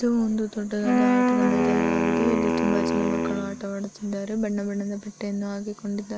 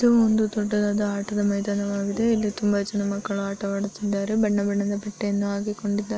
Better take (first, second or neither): second